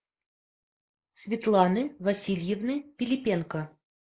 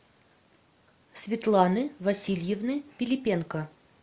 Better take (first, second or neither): second